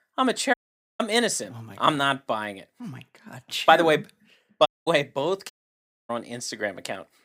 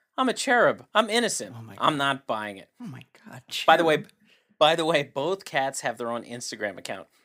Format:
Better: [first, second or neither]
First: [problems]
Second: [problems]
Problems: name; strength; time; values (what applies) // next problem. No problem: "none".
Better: second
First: audio cutting out; at 0.5 s, at 4.5 s and at 5.5 s for 0.5 s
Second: none